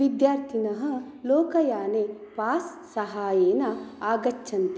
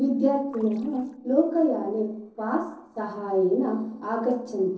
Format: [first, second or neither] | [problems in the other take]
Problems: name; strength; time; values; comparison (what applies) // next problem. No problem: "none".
first | noise reduction (neural separator model SepFormer DNS4)